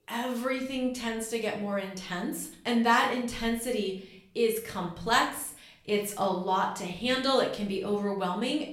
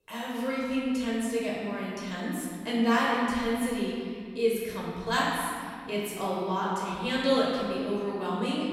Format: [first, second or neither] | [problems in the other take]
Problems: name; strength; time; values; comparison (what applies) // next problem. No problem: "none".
first | room echo; strong; dies away in 2.2 s; slight in the first // off-mic speech; far; somewhat distant in the first